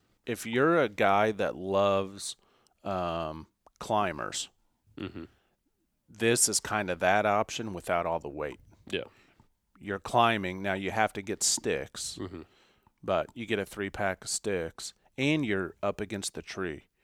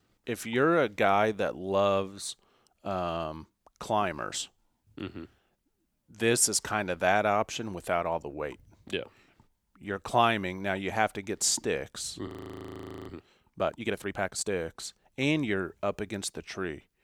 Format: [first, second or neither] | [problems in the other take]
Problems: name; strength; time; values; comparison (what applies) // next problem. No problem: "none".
first | audio freezing; at 12 s for 1 s